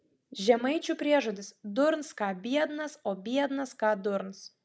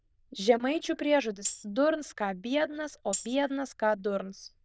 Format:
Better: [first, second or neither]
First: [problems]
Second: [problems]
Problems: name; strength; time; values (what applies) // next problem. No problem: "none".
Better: first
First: none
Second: noise reduction (neural diffusion model UNIVERSE++)